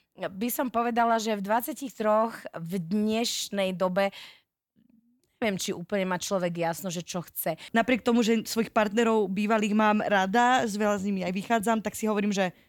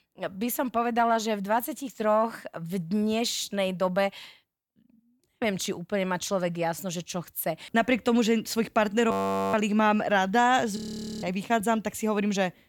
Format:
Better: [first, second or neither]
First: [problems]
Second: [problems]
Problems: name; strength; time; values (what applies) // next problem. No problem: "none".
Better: first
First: none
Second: audio freezing; at 9 s and at 11 s